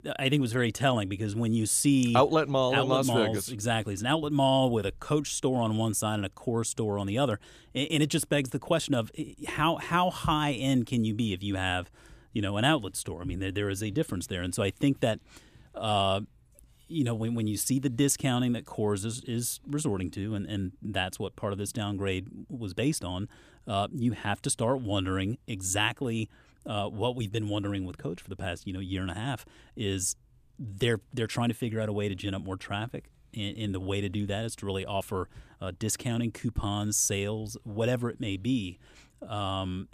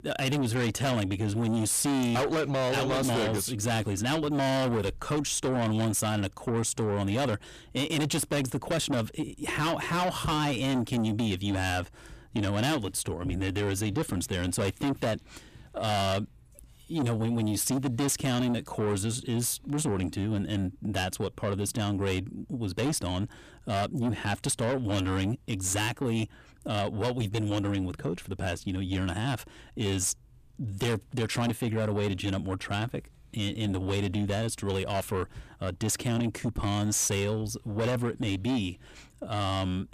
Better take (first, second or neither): first